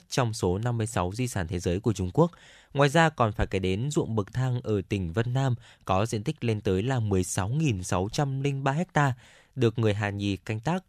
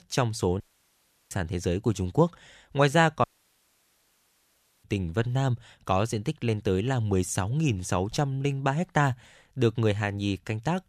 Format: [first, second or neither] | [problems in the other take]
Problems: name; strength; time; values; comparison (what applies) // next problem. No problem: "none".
first | audio cutting out; at 0.5 s for 0.5 s and at 3 s for 1.5 s